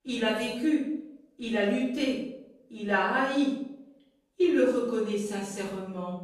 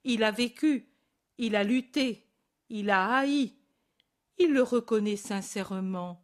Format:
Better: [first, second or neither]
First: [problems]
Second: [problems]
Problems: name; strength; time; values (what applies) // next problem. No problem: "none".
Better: second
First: off-mic speech; far // room echo; noticeable; dies away in 0.7 s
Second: none